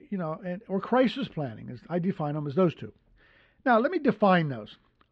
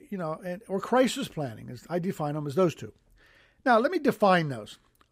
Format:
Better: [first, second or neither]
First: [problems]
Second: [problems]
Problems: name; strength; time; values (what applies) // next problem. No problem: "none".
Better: second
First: muffled; slightly; fading above 4 kHz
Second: none